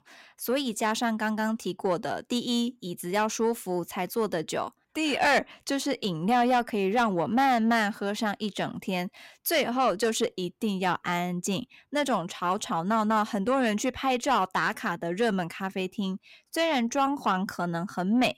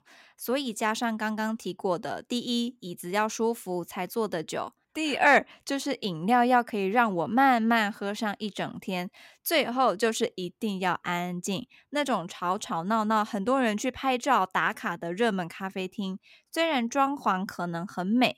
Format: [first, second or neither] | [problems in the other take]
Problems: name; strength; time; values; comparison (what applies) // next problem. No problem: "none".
second | distortion; slight; 10 dB below the speech